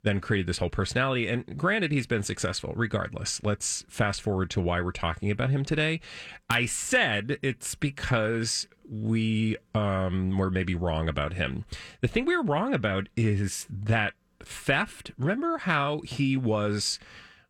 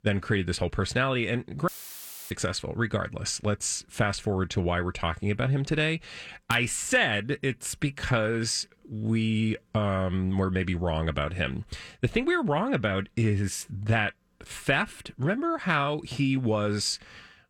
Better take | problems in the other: first | audio cutting out; filled with static; at 1.5 s for 0.5 s

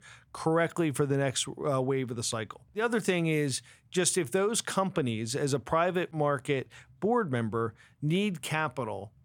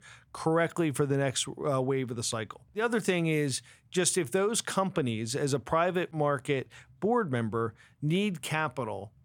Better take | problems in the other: neither | none

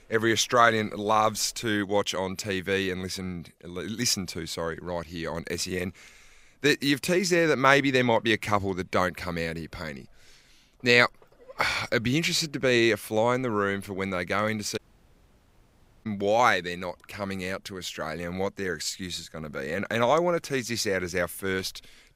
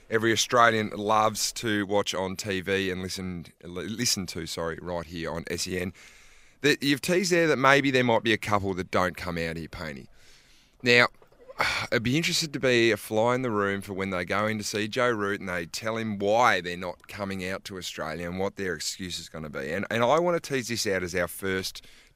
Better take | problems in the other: second | audio cutting out; at 15 s for 1.5 s

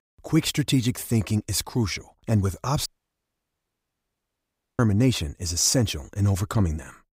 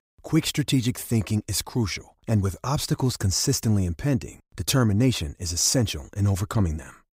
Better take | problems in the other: second | audio cutting out; at 3 s for 2 s

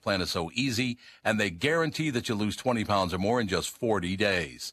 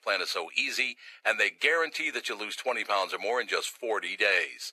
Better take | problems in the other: first | thin; very; fading below 400 Hz

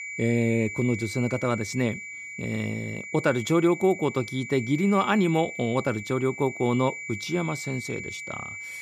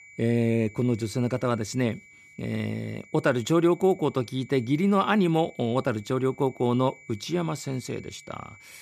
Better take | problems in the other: second | high-pitched whine; loud; throughout; 2.5 kHz, 9 dB below the speech; faint in the second

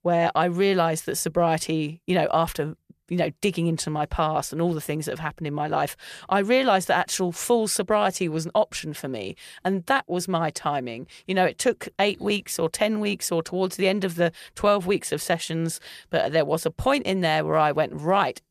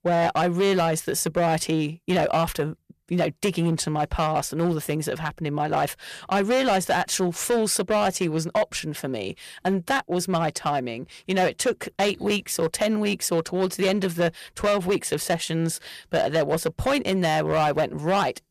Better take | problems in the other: first | distortion; slight; 8% of the sound clipped

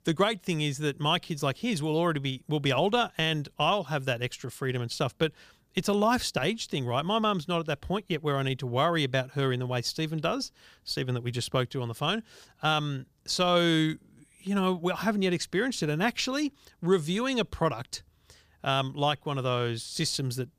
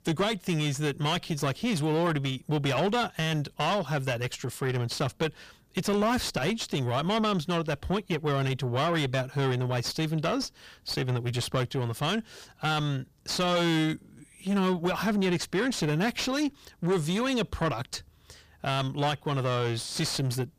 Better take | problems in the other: first | distortion; heavy; 7 dB below the speech

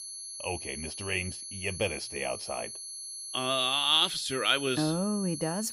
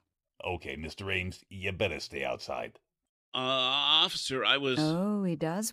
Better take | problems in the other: second | high-pitched whine; loud; throughout; 11 kHz, 9 dB below the speech

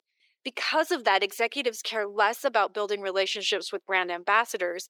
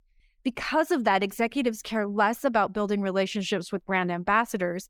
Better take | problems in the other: second | thin; very; fading below 400 Hz

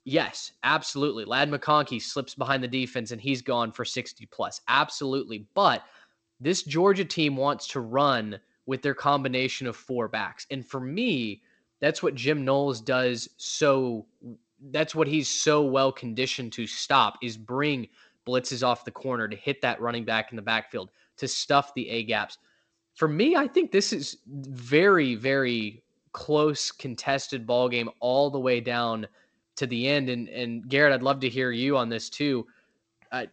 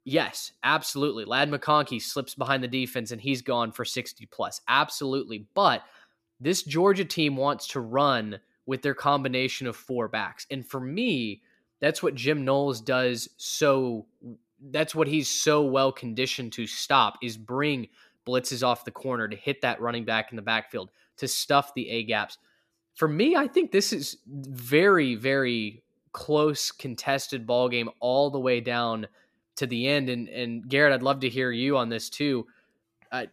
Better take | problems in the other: second | garbled, watery; slightly

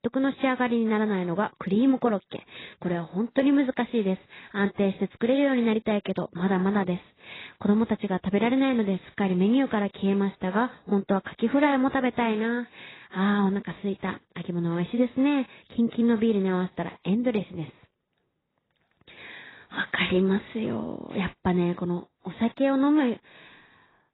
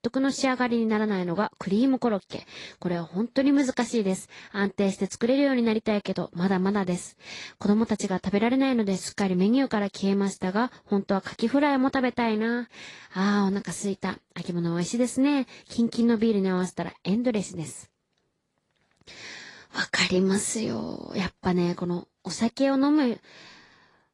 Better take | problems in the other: second | garbled, watery; badly; nothing above 4 kHz; slightly in the second

